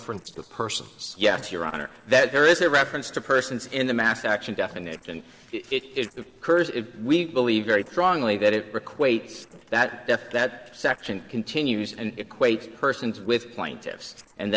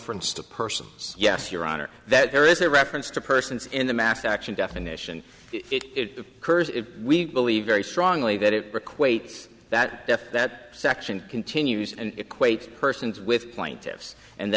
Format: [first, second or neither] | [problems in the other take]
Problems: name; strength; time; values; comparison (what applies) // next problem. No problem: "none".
second | noise reduction (neural separator model SepFormer DNS4)